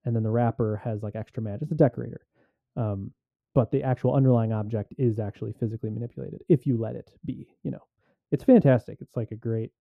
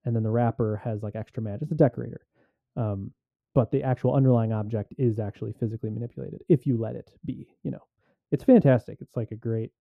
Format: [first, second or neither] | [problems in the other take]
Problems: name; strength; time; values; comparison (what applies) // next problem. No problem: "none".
neither | muffled; very; fading above 1 kHz; the same in both